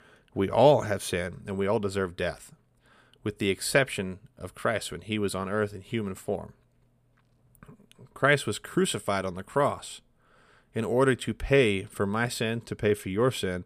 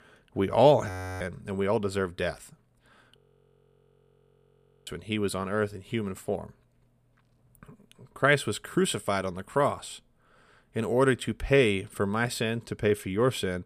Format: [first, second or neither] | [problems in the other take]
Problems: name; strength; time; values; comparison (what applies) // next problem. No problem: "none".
first | audio freezing; at 1 s and at 3 s for 1.5 s